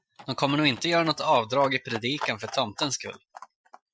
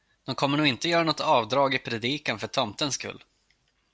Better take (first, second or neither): second